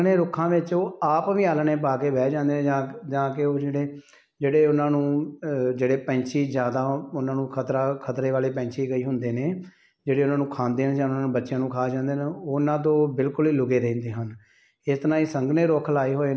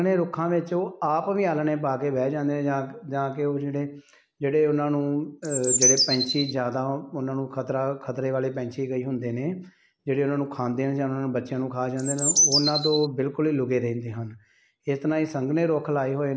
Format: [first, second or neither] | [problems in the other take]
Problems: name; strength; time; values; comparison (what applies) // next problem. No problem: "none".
first | background sound (Bird); 3 dB above the speech